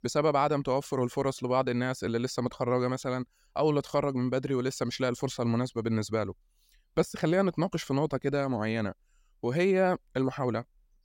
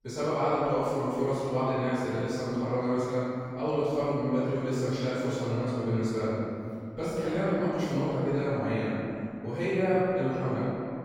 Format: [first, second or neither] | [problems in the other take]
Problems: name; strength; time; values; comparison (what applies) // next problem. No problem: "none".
first | off-mic speech; far // room echo; strong; dies away in 2.5 s